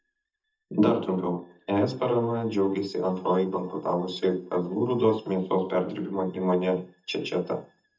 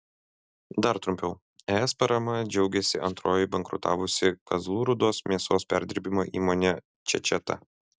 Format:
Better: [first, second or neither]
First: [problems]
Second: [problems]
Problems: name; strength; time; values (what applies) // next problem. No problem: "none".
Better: second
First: noise reduction (neural mask model DeepFilterNet 3)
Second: none